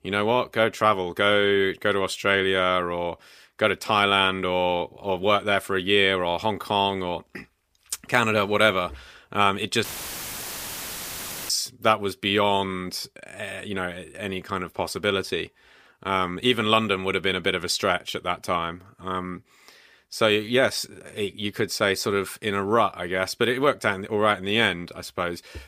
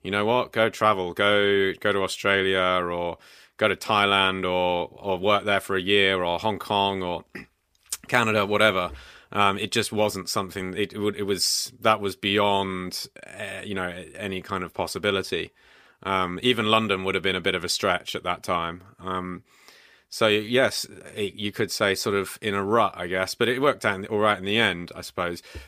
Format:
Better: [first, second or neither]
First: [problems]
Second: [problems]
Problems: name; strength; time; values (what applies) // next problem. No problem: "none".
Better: second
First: audio cutting out; filled with static; at 10 s for 1.5 s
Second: none